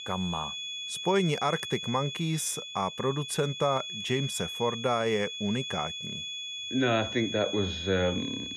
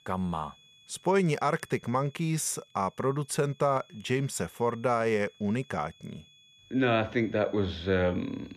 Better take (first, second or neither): second